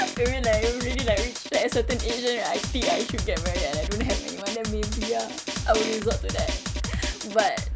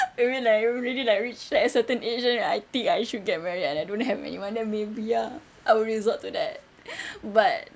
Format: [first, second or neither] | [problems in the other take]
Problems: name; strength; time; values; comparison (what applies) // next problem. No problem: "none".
second | background sound (Drum); 2 dB below the speech